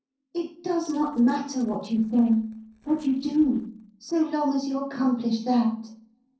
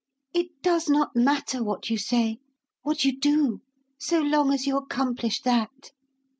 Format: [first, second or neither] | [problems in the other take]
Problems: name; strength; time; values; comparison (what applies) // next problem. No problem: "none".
second | noise reduction (neural separator model SepFormer DNS4)